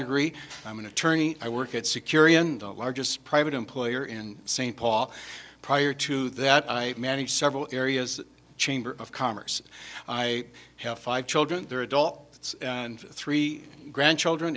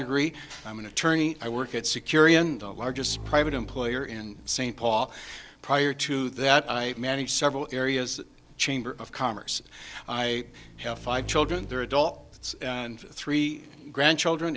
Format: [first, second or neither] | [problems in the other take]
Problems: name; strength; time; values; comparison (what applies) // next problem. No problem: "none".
first | background sound (Motorcycle / Engine); 18 dB below the speech